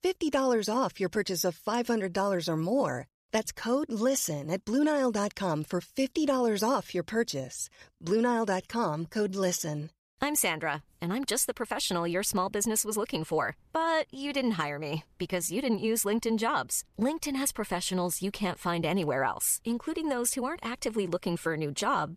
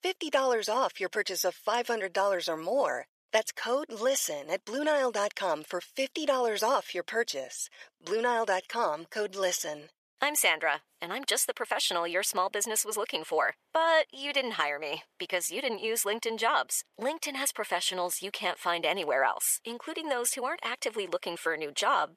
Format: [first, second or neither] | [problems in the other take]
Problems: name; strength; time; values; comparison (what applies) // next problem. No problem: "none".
first | thin; very; fading below 550 Hz